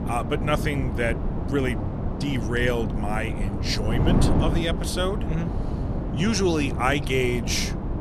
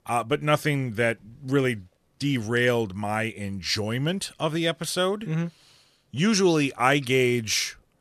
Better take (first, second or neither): second